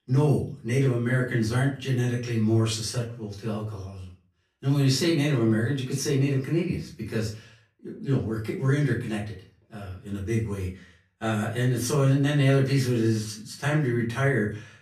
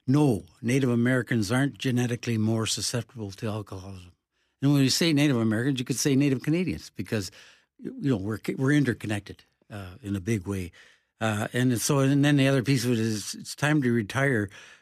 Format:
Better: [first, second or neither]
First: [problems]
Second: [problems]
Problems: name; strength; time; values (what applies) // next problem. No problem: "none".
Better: second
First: off-mic speech; far // room echo; slight; dies away in 0.4 s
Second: none